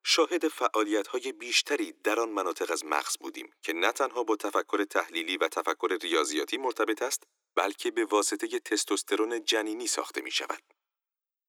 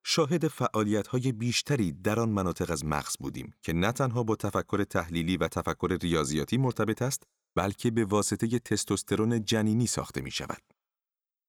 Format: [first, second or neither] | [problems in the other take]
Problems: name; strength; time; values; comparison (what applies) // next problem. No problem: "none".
second | thin; very; fading below 300 Hz